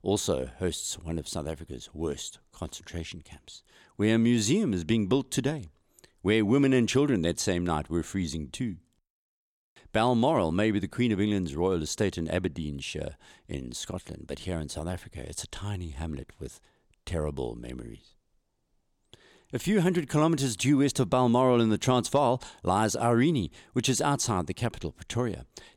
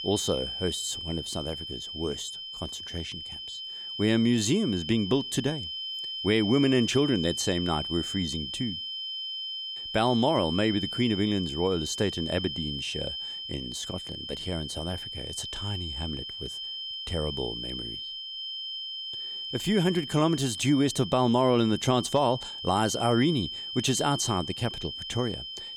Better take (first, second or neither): first